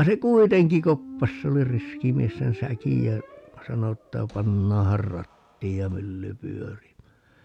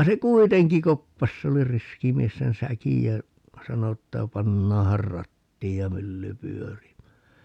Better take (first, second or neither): second